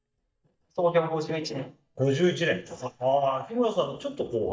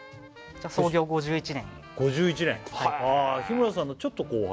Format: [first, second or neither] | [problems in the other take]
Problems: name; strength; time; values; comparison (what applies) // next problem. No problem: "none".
second | noise reduction (neural mask model DeepFilterNet 3)